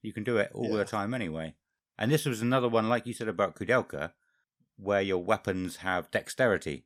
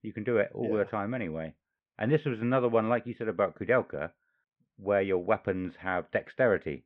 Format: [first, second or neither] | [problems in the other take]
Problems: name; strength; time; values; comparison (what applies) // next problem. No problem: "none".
first | muffled; very; fading above 2.5 kHz